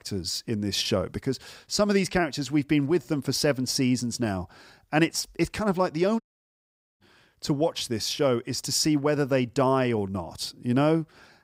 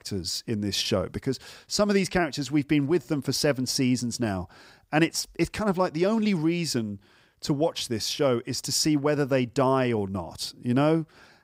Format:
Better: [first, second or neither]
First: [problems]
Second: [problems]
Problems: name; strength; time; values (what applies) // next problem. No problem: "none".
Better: second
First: audio cutting out; at 6 s for 1 s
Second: none